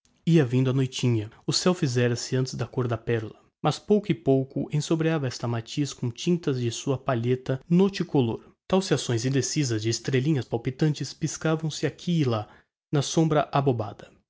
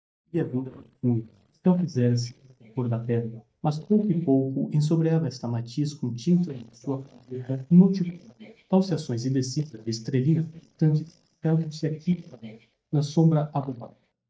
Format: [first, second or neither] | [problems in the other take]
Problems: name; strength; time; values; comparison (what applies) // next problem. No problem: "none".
first | noise reduction (neural mask model DeepFilterNet 3)